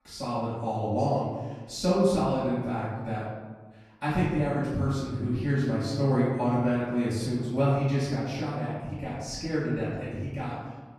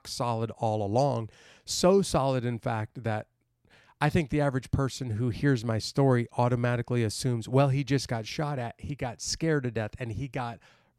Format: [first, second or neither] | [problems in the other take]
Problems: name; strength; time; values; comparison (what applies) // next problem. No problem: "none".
second | off-mic speech; far // room echo; strong; dies away in 1.3 s